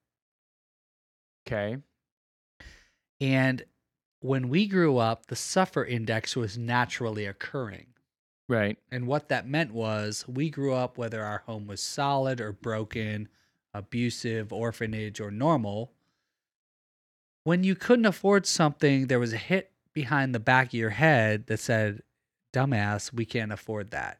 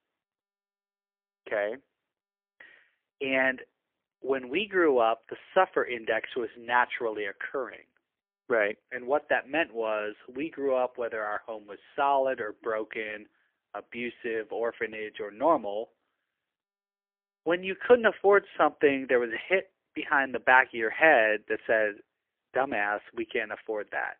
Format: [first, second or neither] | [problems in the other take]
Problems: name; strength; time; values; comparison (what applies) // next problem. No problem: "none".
first | phone-call audio; poor line; nothing above 3 kHz